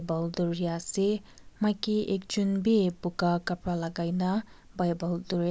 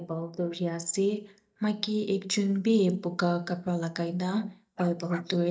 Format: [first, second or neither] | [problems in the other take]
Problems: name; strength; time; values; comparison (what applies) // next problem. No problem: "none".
first | noise reduction (neural mask model DeepFilterNet 3)